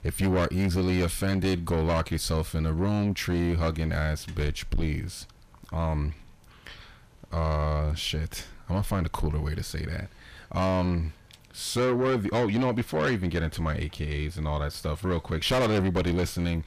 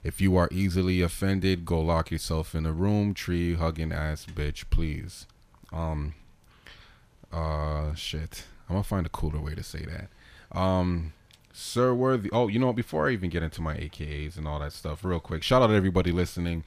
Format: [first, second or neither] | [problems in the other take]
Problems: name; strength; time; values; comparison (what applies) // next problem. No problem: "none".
second | distortion; heavy; 7 dB below the speech